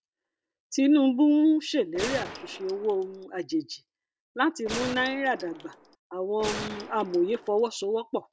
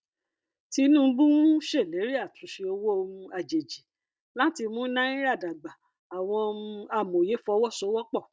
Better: second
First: background sound (Gunshot, gunfire); 11 dB below the speech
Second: none

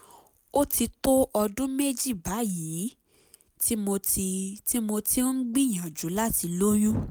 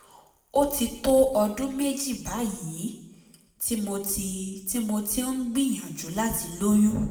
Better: first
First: none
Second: room echo; dies away in 0.9 s

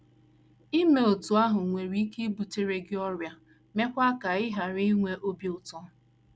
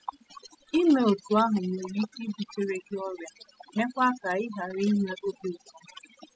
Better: first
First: none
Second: noise reduction (classical method spectral subtraction)

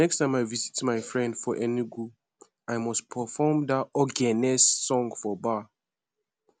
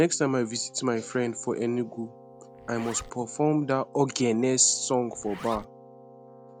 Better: first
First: none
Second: background sound (Zipper (clothing) + Keyboard (musical)); 19 dB below the speech

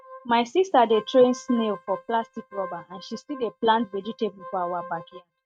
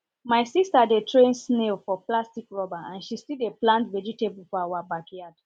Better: second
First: noise reduction (neural mask model RNNoise)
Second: none

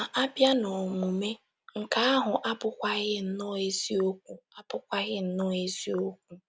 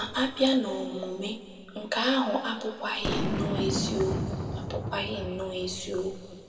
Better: first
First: none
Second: background sound (Boom); 4 dB below the speech // room echo; dies away in 2 s

